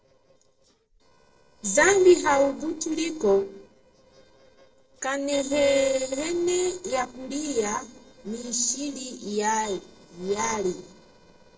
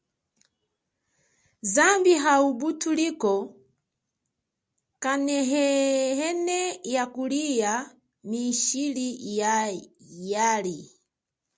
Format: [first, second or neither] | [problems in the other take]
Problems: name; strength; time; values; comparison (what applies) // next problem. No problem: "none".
second | noise reduction (neural separator model SepFormer DNS4)